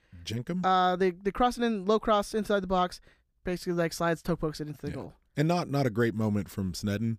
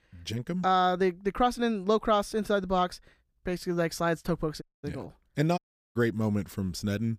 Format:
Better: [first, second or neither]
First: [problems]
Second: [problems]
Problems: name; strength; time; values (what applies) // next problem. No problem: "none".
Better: first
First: none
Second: audio cutting out; at 4.5 s and at 5.5 s